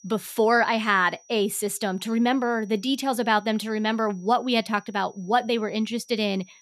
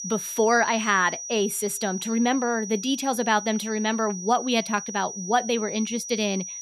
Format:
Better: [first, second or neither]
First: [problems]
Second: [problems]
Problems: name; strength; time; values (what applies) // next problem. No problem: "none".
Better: first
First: high-pitched whine; faint; throughout; 6 kHz, 30 dB below the speech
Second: high-pitched whine; loud; throughout; 6 kHz, 9 dB below the speech